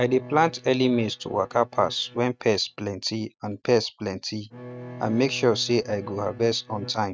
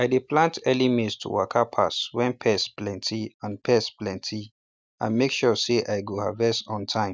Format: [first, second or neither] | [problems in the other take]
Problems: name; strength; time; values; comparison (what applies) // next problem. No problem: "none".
second | noise reduction (neural mask model RNNoise)